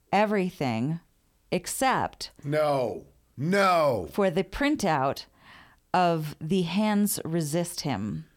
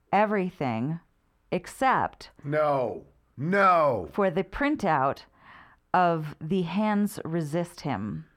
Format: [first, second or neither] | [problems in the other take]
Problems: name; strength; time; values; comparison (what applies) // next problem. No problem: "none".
first | muffled; slightly; fading above 3.5 kHz